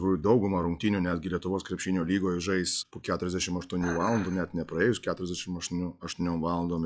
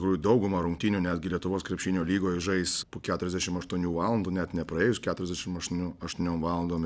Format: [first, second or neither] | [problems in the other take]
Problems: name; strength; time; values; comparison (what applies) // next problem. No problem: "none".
second | noise reduction (classical method log-MMSE)